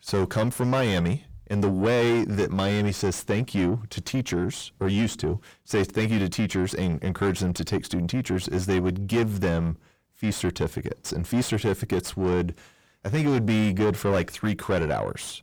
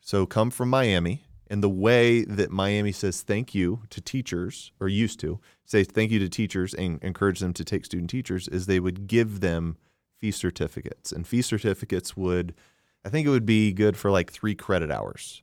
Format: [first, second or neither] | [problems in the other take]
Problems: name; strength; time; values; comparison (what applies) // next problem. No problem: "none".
second | distortion; heavy; 6 dB below the speech